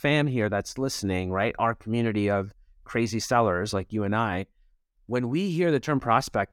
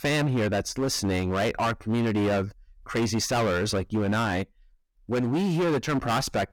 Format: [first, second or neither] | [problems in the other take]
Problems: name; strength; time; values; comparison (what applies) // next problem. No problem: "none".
first | distortion; heavy; 21% of the sound clipped